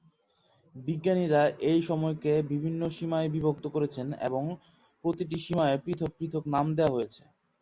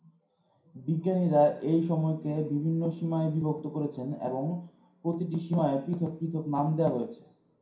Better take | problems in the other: first | room echo; dies away in 0.5 s

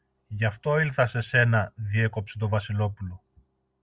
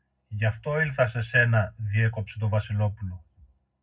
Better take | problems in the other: first | room echo; dies away in 0.3 s

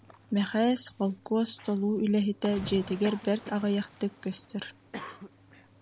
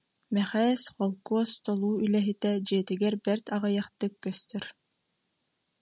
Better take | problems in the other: second | background sound (Cough + Cricket / Waves, surf); 17 dB below the speech

